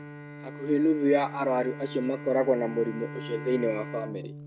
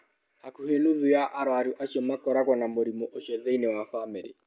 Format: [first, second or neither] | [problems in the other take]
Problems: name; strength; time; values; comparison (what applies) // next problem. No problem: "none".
second | background sound (Bowed string instrument); 12 dB below the speech